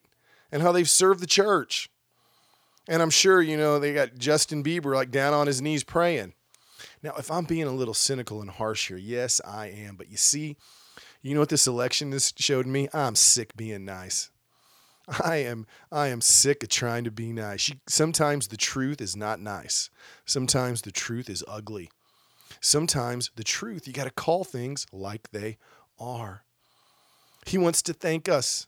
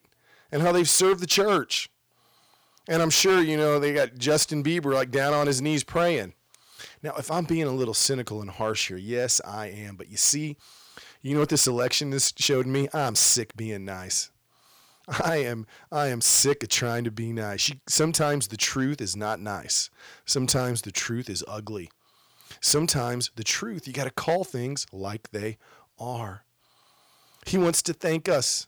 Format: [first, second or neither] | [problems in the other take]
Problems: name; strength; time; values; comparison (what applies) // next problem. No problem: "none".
first | distortion; slight; 4% of the sound clipped